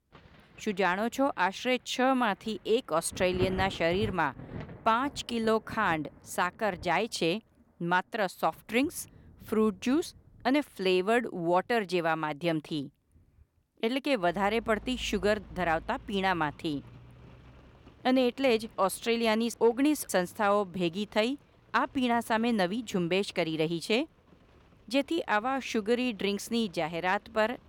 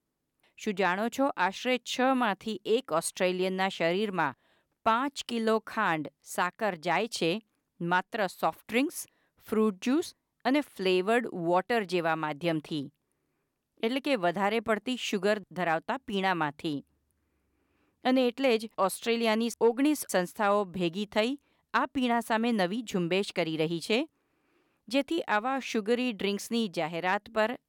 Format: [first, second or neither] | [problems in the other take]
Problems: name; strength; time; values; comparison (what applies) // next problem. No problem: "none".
second | rain or running water; noticeable; throughout; 20 dB below the speech